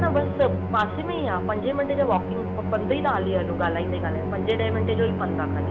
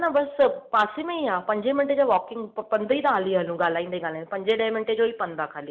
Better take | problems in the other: second | background sound (Musical instrument); 1 dB below the speech

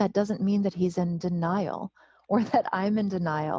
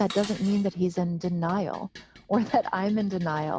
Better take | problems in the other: first | background sound (Dishes, pots, and pans); 19 dB below the speech

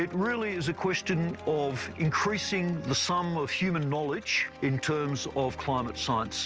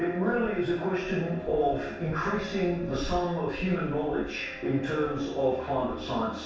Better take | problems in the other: first | background sound (Fixed-wing aircraft, airplane); 16 dB below the speech // room echo; dies away in 0.7 s

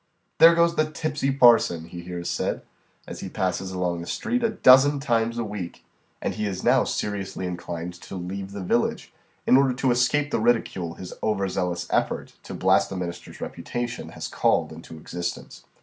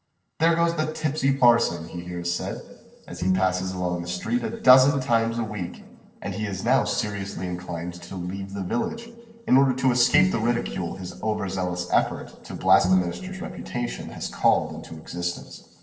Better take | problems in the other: first | noise reduction (neural separator model SepFormer DNS4)

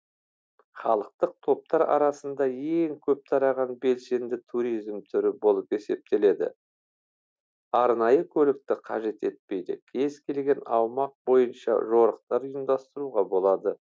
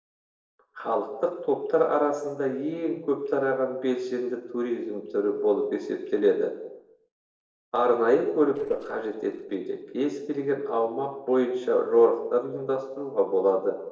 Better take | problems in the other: first | noise reduction (neural separator model SepFormer DNS4)

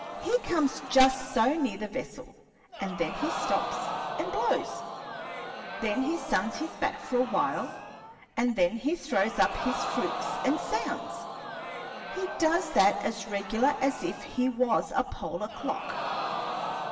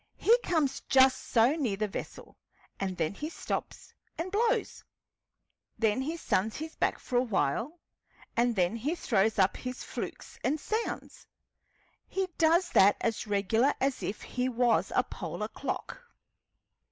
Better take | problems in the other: second | background sound (Crowd); 7 dB below the speech // room echo; dies away in 1.3 s

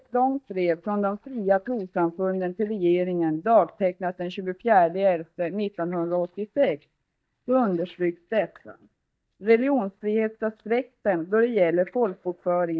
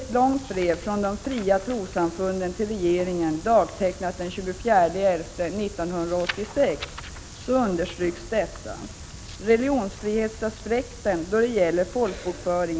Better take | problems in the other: second | noise reduction (neural mask model DeepFilterNet 3)

